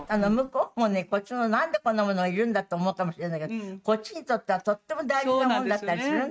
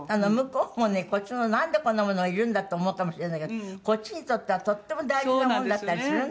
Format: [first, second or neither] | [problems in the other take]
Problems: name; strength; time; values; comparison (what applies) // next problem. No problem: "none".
second | noise reduction (neural mask model RNNoise)